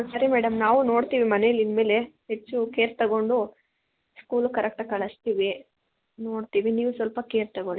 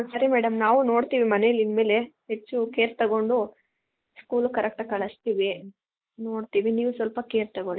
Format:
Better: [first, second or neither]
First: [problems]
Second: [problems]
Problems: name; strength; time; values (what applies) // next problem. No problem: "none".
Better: first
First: none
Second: noise reduction (neural mask model Resemble Enhance denoiser)